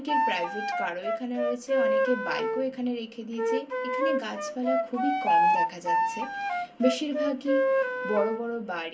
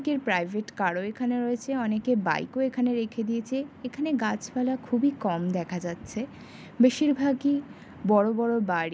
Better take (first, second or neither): second